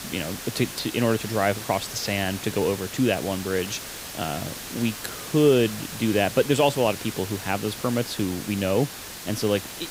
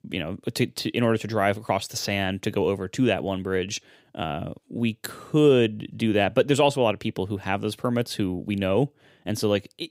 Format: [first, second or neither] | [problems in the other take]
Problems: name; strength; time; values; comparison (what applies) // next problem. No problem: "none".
second | hiss; loud; throughout; 9 dB below the speech